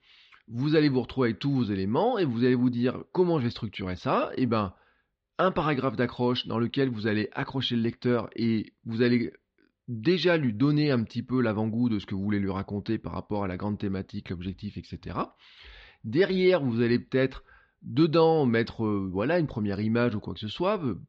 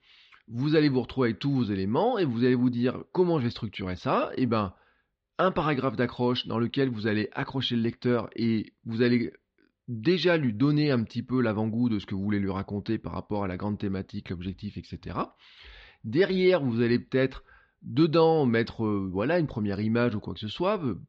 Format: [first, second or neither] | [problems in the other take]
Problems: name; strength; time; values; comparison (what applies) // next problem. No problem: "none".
neither | muffled; very slightly; fading above 4 kHz; the same in both